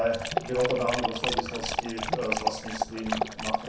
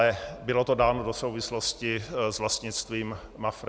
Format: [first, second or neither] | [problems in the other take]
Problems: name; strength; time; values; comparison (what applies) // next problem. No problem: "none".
second | background sound (Dog); as loud as the speech // room echo; dies away in 0.5 s